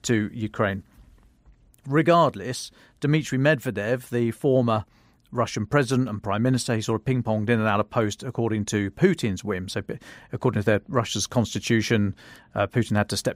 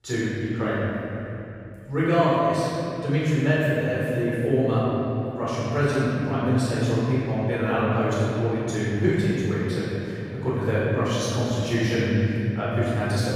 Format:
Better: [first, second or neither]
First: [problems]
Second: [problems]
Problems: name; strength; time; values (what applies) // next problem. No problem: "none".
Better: first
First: none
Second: off-mic speech; far // room echo; strong; dies away in 2.9 s